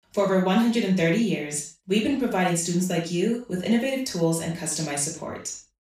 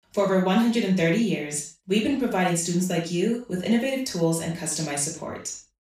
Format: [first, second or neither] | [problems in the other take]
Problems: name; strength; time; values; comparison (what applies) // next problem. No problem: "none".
neither | room echo; noticeable; dies away in 0.3 s; the same in both // off-mic speech; far; the same in both